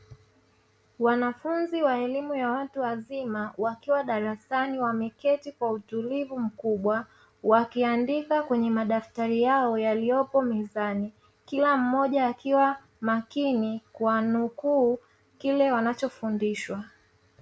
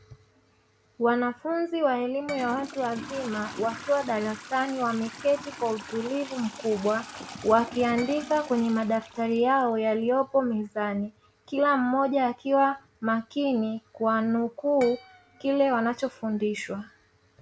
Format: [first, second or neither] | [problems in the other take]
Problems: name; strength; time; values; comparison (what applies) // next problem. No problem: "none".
first | background sound (Trickle, dribble / Toilet flush + Harp); 18 dB below the speech